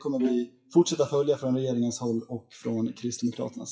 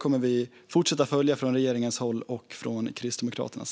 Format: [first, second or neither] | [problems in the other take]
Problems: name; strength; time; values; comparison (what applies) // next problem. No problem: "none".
second | noise reduction (classical method WPE with log-MMSE)